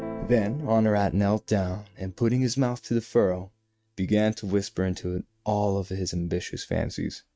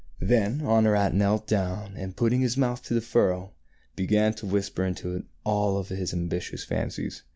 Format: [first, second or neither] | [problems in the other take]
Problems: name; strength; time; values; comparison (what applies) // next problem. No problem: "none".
second | noise reduction (neural mask model RNNoise)